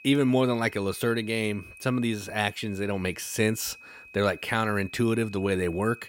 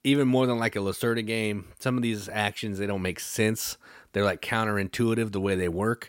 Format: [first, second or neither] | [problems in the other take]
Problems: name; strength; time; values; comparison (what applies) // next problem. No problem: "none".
second | high-pitched whine; noticeable; throughout; 2.5 kHz, 20 dB below the speech